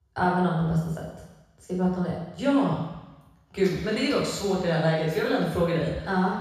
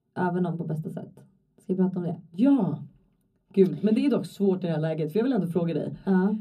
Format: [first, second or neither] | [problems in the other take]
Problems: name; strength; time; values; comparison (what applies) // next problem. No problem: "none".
second | room echo; strong; dies away in 1.1 s; slight in the second // off-mic speech; far; far in the second